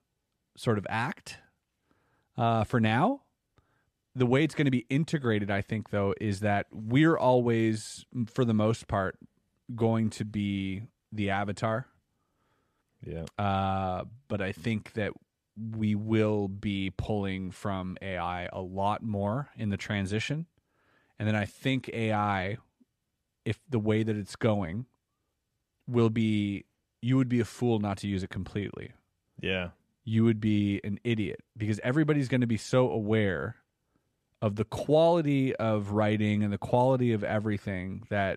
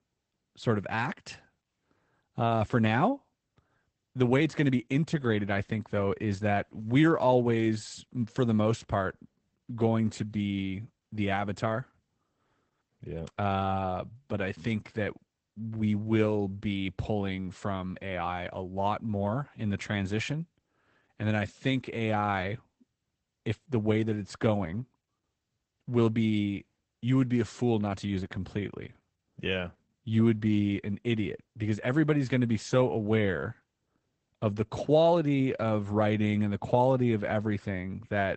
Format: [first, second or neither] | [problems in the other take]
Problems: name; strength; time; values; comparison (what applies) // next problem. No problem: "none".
first | garbled, watery; badly; nothing above 8 kHz